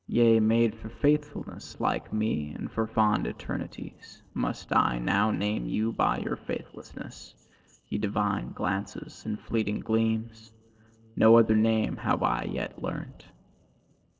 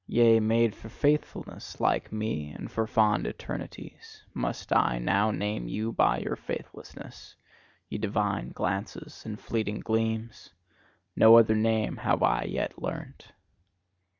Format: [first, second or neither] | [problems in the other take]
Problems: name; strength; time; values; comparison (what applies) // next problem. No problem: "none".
second | noise reduction (neural separator model SepFormer DNS4)